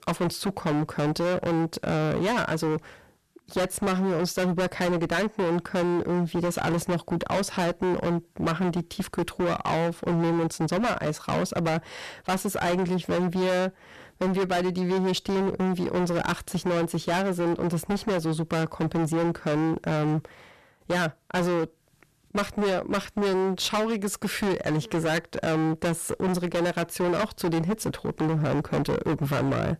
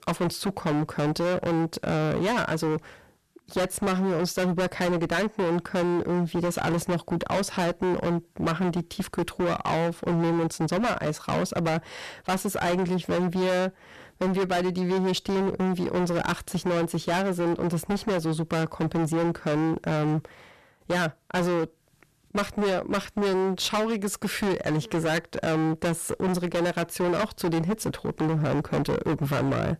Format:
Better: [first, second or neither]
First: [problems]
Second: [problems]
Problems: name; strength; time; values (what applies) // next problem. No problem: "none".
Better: neither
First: distortion; heavy; 26% of the sound clipped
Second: distortion; heavy; 26% of the sound clipped